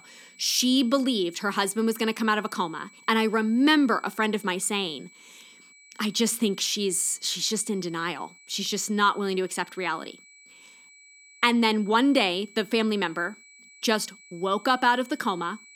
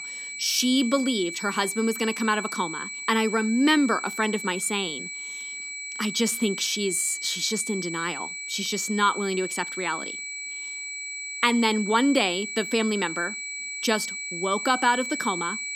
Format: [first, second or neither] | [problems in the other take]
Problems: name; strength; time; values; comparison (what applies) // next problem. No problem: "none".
first | high-pitched whine; loud; throughout; 2.5 kHz, 7 dB below the speech; faint in the first